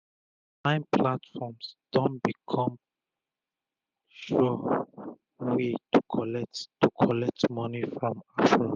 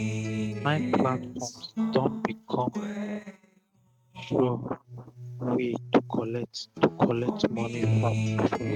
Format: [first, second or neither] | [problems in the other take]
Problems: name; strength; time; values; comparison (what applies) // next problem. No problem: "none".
first | noise reduction (neural mask model RNNoise)